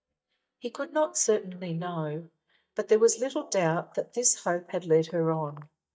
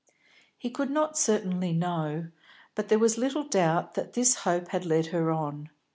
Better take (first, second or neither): second